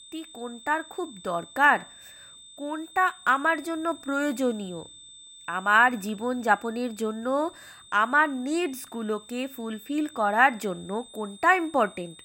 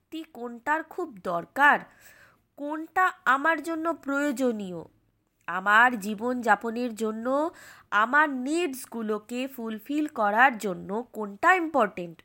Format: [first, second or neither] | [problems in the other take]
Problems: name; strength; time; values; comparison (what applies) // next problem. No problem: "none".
second | high-pitched whine; faint; throughout; 3.5 kHz, 20 dB below the speech